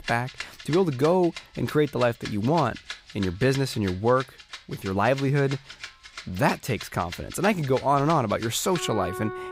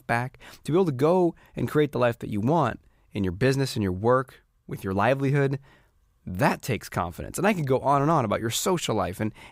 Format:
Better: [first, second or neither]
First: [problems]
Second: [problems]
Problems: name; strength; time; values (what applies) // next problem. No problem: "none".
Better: second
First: background music; noticeable; throughout; 15 dB below the speech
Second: none